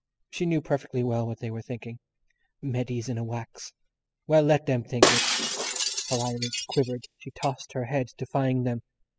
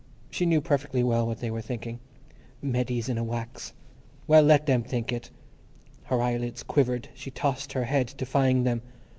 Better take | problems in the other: second | noise reduction (classical method spectral subtraction)

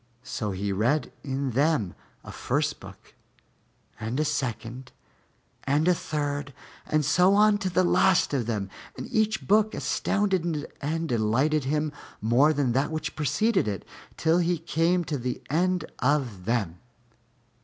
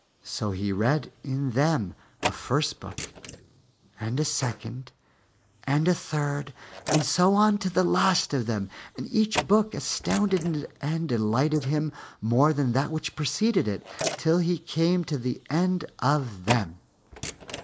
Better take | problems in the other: first | noise reduction (neural mask model Resemble Enhance denoiser)

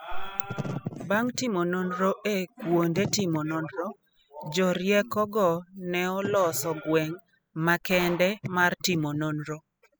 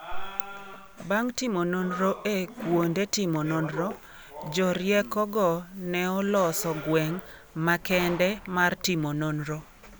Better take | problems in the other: second | noise reduction (classical method spectral subtraction)

